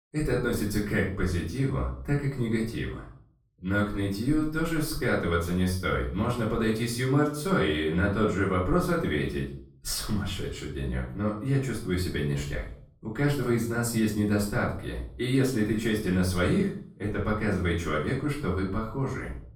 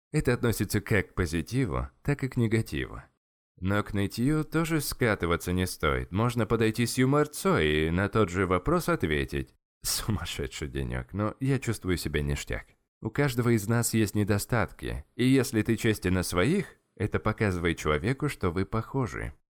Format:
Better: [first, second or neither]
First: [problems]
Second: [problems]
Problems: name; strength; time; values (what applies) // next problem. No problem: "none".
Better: second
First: off-mic speech; far // room echo; noticeable; dies away in 0.5 s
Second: none